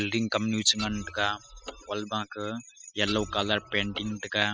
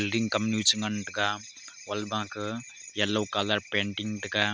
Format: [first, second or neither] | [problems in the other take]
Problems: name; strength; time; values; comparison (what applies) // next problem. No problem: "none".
second | noise reduction (classical method spectral subtraction)